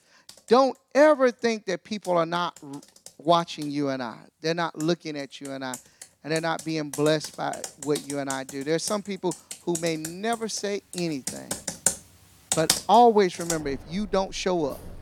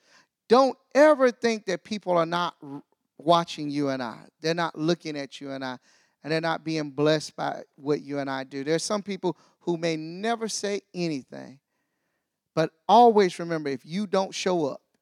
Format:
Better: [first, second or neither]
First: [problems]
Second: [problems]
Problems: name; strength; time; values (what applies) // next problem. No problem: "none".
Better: second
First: household noises; loud; throughout; 7 dB below the speech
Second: none